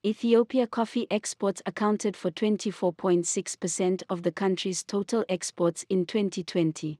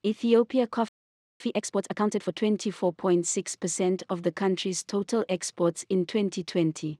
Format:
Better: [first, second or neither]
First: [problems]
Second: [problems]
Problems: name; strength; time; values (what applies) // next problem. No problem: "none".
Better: first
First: none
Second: audio freezing; at 1 s for 0.5 s